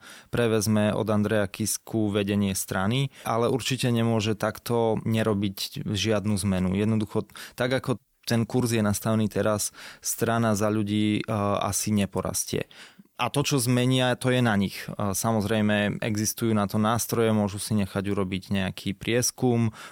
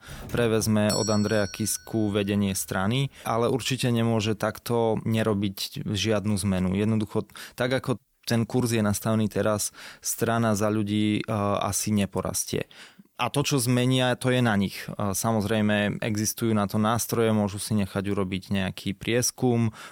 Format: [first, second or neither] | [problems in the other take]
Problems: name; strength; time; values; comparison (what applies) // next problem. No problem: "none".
first | doorbell; noticeable; until 1.5 s; peak 4 dB below the speech